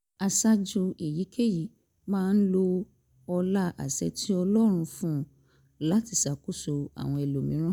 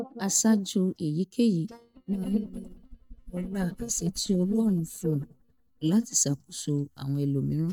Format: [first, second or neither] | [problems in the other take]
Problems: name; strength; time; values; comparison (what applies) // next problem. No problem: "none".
first | noise reduction (neural mask model DeepFilterNet 3)